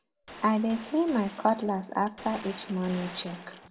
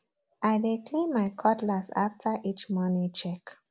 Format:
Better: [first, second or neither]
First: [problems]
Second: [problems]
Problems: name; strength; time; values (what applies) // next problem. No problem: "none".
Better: second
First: background sound (Gunshot, gunfire); 16 dB below the speech // room echo; dies away in 0.3 s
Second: none